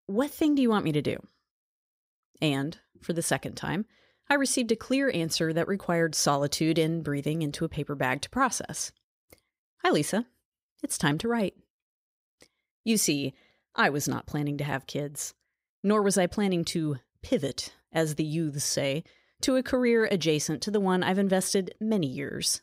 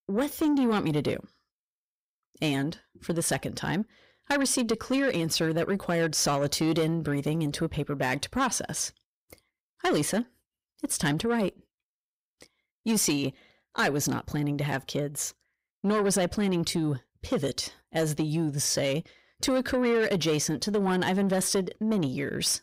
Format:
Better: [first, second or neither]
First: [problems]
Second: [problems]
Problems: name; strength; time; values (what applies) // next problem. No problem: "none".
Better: first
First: none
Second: distortion; slight; 10 dB below the speech